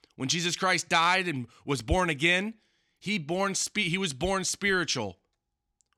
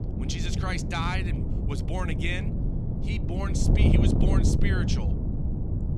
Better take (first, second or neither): first